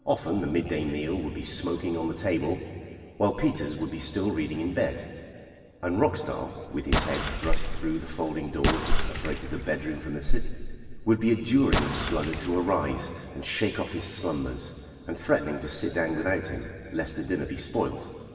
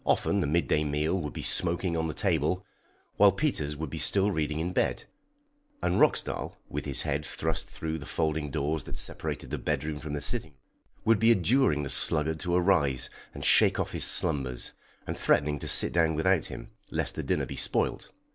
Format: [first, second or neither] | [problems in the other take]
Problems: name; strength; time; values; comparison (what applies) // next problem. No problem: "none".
second | background sound (Explosion); 4 dB below the speech // room echo; dies away in 2.4 s